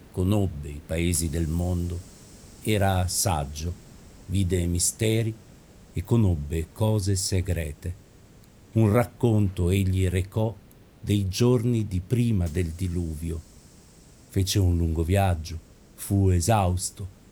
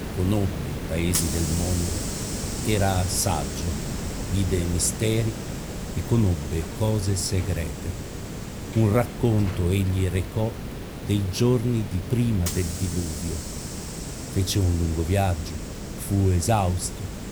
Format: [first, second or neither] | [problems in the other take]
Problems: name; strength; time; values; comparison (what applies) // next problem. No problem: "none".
first | hiss; loud; throughout; 7 dB below the speech; faint in the first